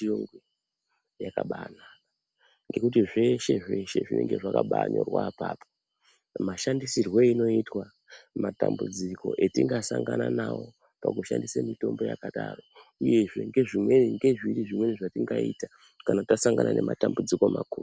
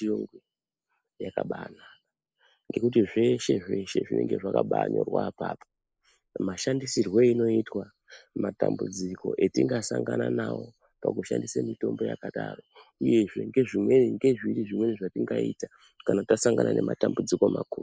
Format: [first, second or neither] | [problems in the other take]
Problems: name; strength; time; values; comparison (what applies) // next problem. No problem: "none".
first | noise reduction (neural mask model Resemble Enhance denoiser)